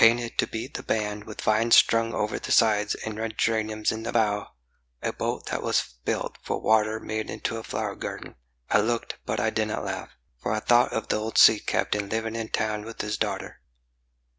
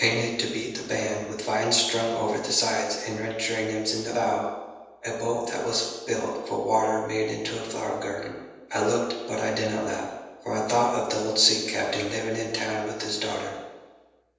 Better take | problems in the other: first | room echo; dies away in 1.1 s

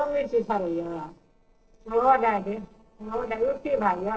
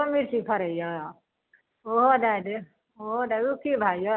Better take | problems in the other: second | noise reduction (neural separator model SepFormer DNS4)

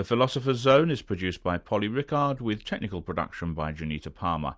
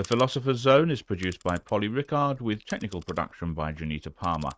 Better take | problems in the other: first | noise reduction (neural mask model RNNoise)

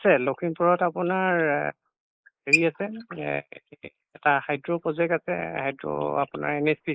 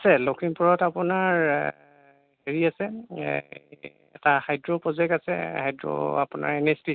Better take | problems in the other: second | noise reduction (neural mask model Resemble Enhance denoiser)

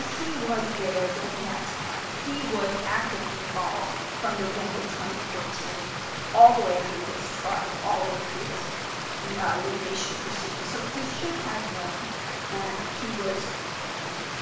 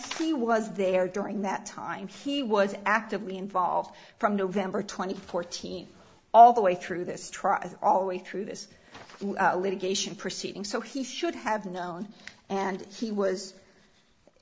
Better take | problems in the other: second | background sound (Stream); 3 dB below the speech // room echo; dies away in 0.7 s

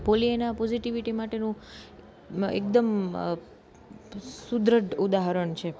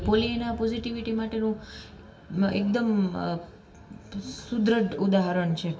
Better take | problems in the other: first | room echo; dies away in 0.6 s

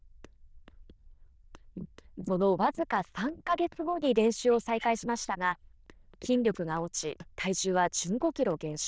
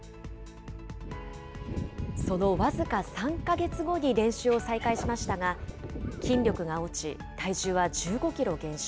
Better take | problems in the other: second | noise reduction (neural diffusion model UNIVERSE++)

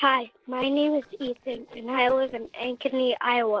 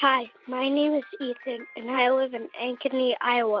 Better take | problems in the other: second | noise reduction (neural separator model SepFormer DNS4)

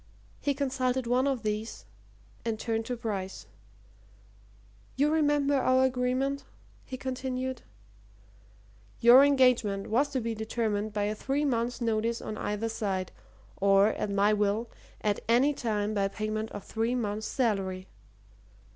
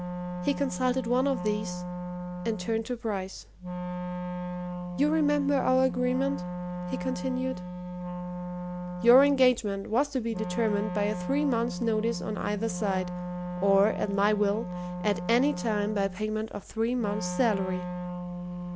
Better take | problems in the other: first | background sound (Wind instrument, woodwind instrument); 6 dB below the speech

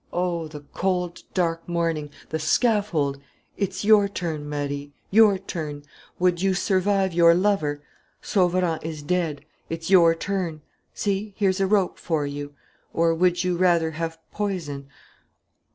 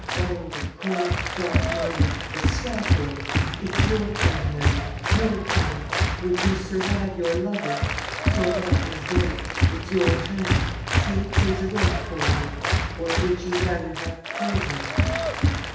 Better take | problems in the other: first | background sound (Applause); 5 dB above the speech // room echo; dies away in 0.9 s

